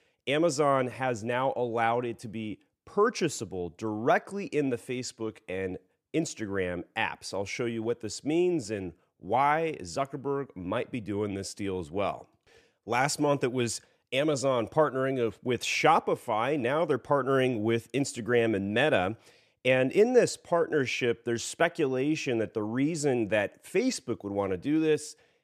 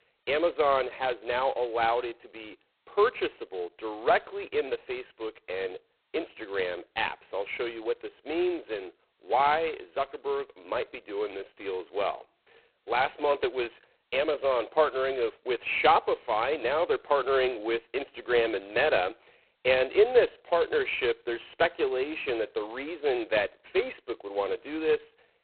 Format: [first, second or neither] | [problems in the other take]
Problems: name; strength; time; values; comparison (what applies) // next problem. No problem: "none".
first | phone-call audio; poor line; nothing above 4 kHz